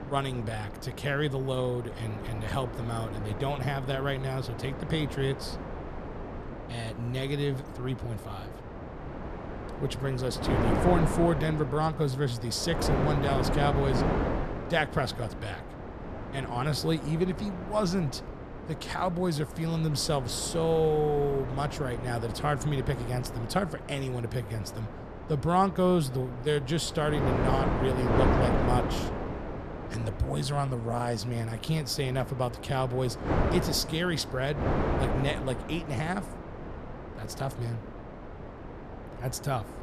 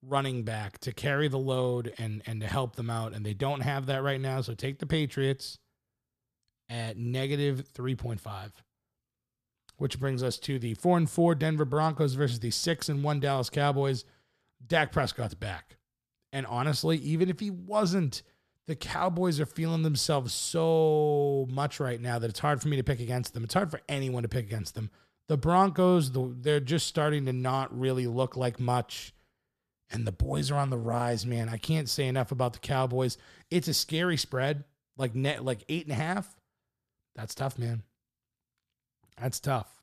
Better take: second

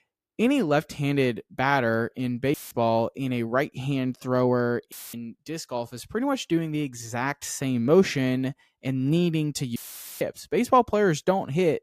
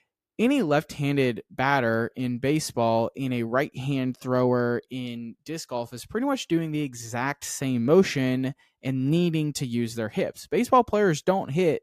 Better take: second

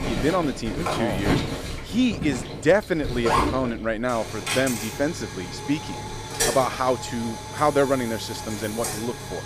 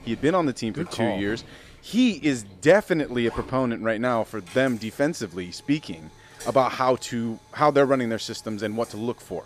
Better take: second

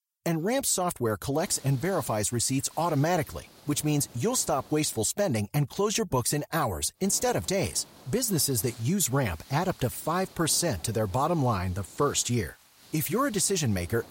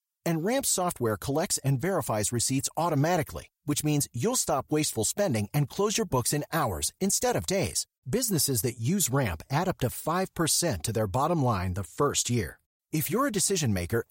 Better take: second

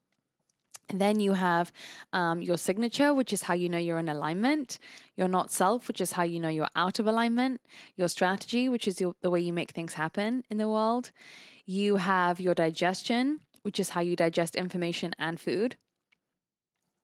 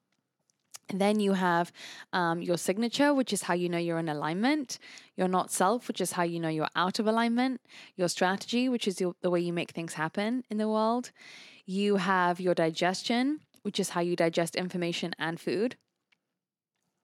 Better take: second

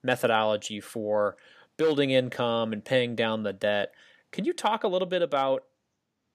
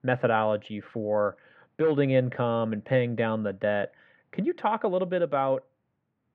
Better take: first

